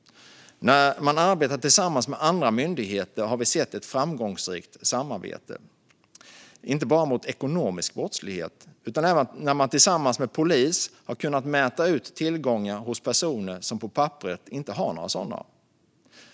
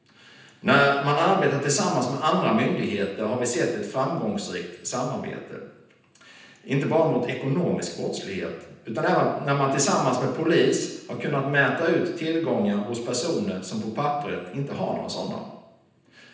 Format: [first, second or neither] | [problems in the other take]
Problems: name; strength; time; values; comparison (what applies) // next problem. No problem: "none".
first | room echo; dies away in 0.9 s